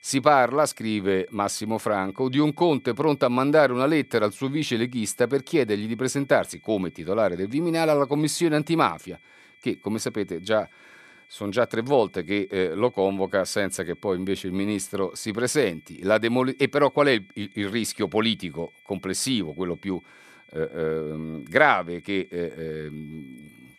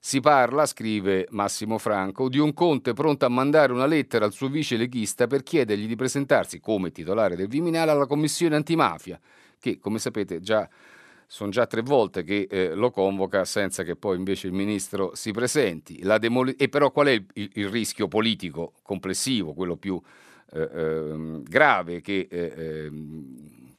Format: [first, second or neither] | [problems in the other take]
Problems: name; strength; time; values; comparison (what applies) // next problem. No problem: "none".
second | high-pitched whine; faint; throughout; 2.5 kHz, 30 dB below the speech